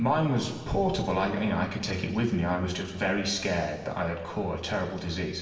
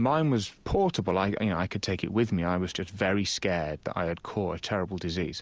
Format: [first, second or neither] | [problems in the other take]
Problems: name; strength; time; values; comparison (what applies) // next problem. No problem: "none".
second | room echo; dies away in 1.4 s